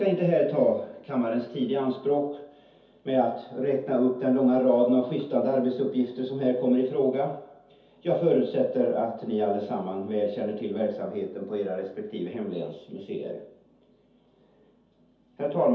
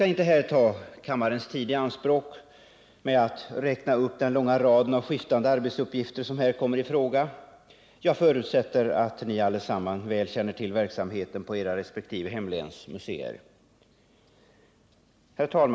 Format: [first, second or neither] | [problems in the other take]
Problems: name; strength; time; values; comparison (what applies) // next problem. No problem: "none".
second | room echo; dies away in 0.5 s